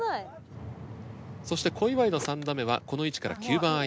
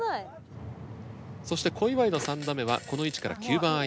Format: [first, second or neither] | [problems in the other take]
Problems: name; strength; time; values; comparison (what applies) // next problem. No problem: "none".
first | background sound (Fart); 19 dB below the speech